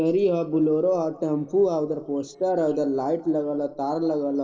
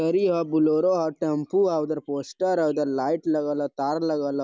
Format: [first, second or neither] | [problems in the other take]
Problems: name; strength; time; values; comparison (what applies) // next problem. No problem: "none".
second | noise reduction (neural separator model SepFormer DNS4)